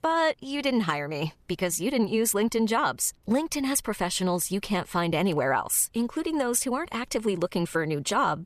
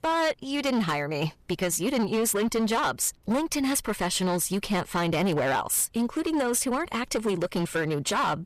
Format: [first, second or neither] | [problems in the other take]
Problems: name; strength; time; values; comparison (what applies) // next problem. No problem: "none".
first | distortion; slight; 15% of the sound clipped